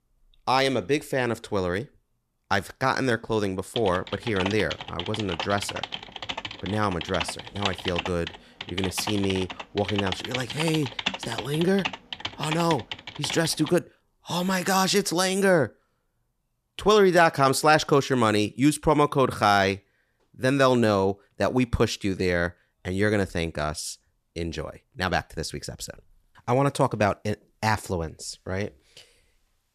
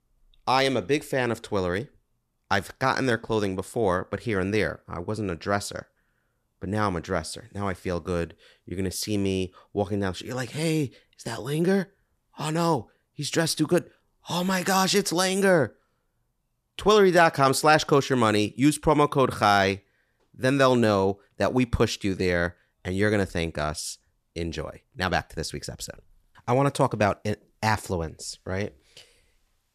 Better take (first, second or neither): second